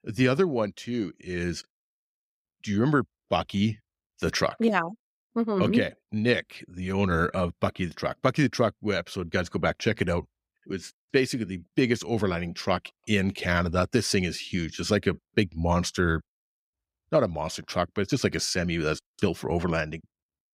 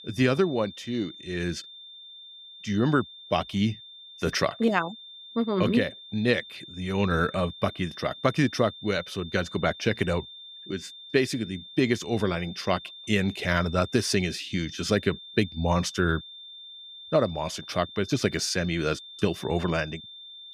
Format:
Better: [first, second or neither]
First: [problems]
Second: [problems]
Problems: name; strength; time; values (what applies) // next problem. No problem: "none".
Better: first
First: none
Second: high-pitched whine; noticeable; throughout; 3.5 kHz, 15 dB below the speech